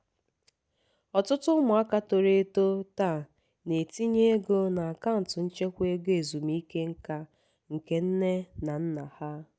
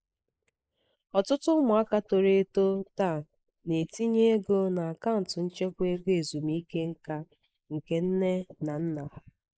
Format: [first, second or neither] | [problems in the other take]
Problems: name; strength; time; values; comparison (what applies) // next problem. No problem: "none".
first | noise reduction (neural mask model Resemble Enhance denoiser)